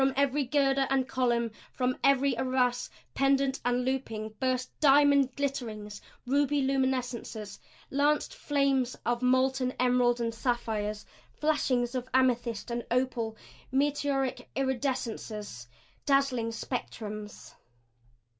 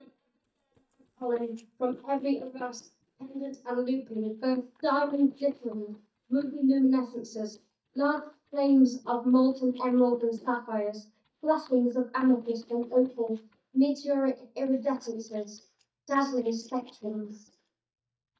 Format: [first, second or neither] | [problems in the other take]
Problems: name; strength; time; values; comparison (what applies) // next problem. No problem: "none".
first | noise reduction (neural mask model DeepFilterNet 3)